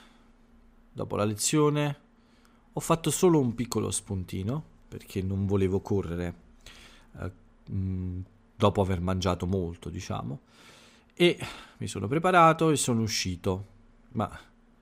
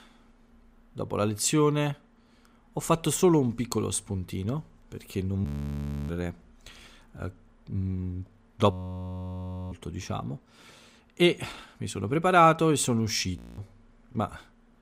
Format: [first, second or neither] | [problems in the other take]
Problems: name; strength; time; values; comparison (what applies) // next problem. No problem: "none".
first | audio freezing; at 5.5 s for 0.5 s, at 8.5 s for 1 s and at 13 s